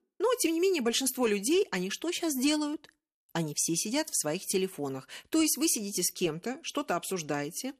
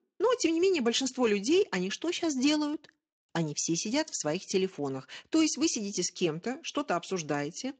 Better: first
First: none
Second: garbled, watery; slightly; nothing above 7.5 kHz

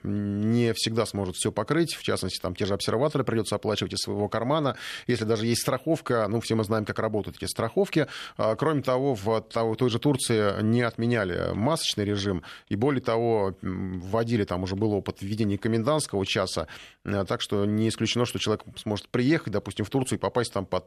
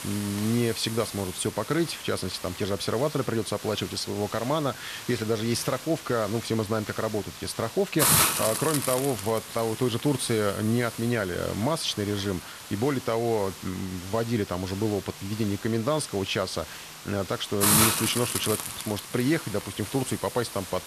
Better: first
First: none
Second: hiss; loud; throughout; 3 dB below the speech

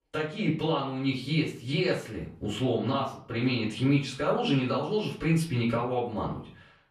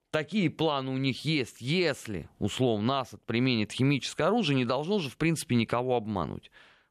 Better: second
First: off-mic speech; far // room echo; slight; dies away in 0.4 s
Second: none

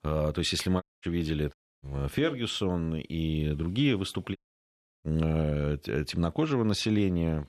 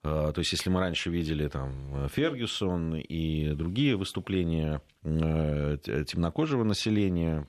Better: second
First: audio cutting out; at 1 s, at 1.5 s and at 4.5 s for 0.5 s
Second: none

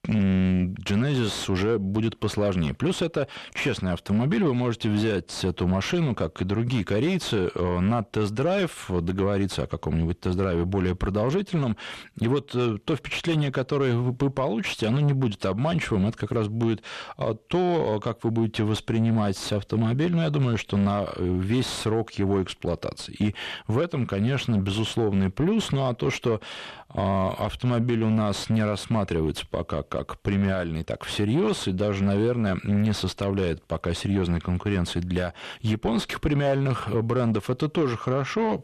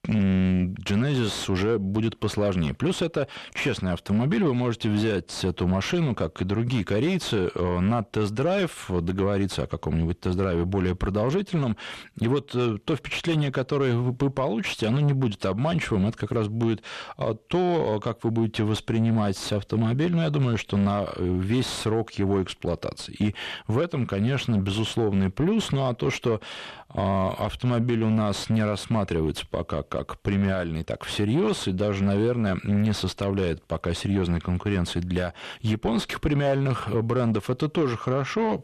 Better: neither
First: distortion; slight; 10 dB below the speech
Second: distortion; slight; 10 dB below the speech

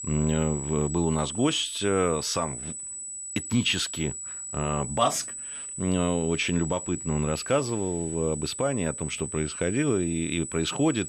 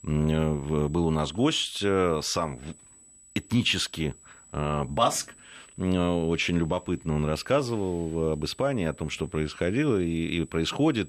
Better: second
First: high-pitched whine; loud; throughout; 8 kHz, 7 dB below the speech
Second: high-pitched whine; faint; throughout; 8 kHz, 25 dB below the speech

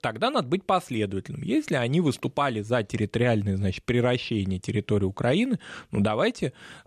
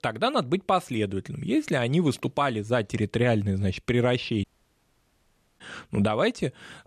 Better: first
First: none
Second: audio cutting out; at 4.5 s for 1 s

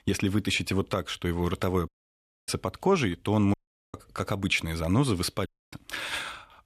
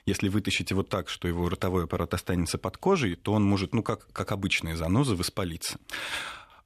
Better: second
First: audio cutting out; at 2 s for 0.5 s, at 3.5 s and at 5.5 s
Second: none

